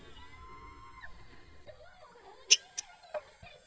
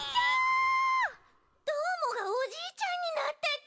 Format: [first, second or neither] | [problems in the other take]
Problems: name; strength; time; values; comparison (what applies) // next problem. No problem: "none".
second | noise reduction (neural mask model DeepFilterNet 3)